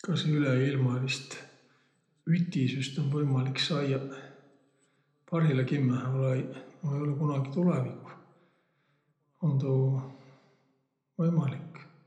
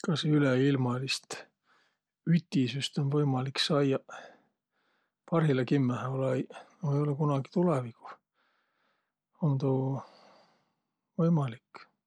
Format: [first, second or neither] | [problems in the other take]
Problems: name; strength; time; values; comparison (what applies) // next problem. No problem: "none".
second | room echo; dies away in 0.8 s